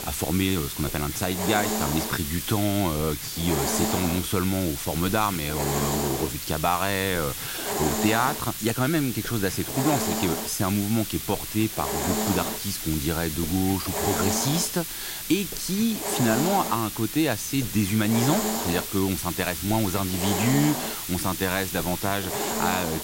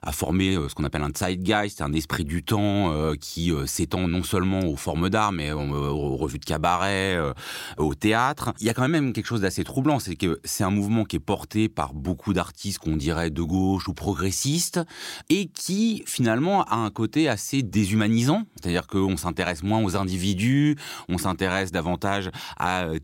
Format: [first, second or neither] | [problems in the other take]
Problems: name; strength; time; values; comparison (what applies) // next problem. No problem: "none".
second | hiss; loud; throughout; 3 dB below the speech